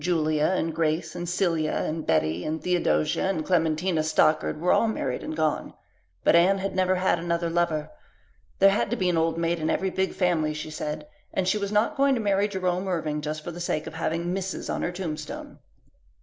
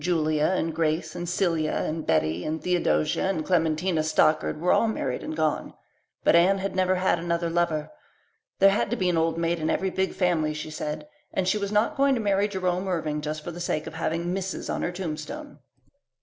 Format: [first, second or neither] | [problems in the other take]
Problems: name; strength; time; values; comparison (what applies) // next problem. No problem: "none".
second | noise reduction (neural mask model Resemble Enhance denoiser)